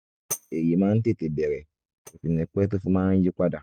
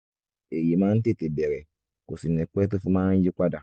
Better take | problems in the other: second | noise reduction (neural mask model RNNoise)

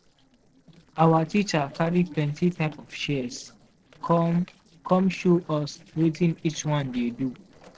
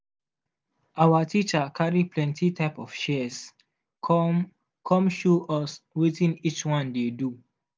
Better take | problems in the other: second | noise reduction (neural separator model SepFormer DNS4)

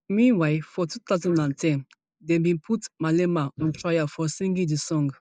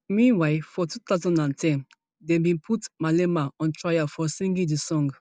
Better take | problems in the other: second | noise reduction (neural mask model Resemble Enhance denoiser)

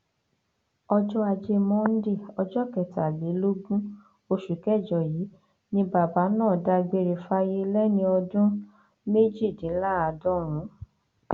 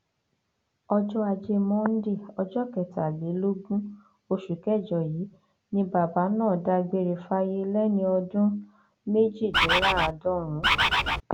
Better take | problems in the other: first | background sound (Bird); 4 dB above the speech

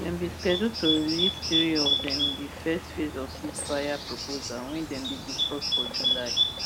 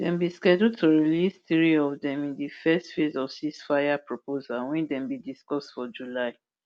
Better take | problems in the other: second | background sound (Bird); 1 dB above the speech

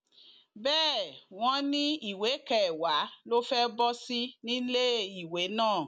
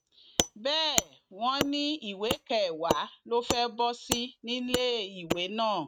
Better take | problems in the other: first | noise reduction (neural mask model RNNoise)

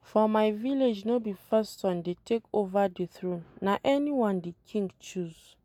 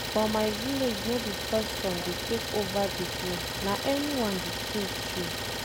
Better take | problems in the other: first | background sound (Idling); 2 dB below the speech

